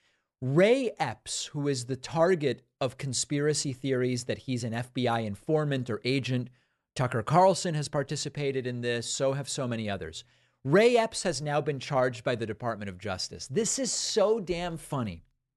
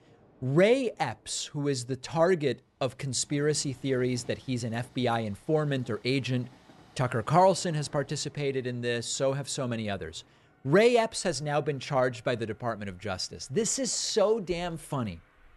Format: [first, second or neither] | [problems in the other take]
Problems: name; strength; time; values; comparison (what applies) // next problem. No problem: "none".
first | train or aircraft noise; faint; throughout; 30 dB below the speech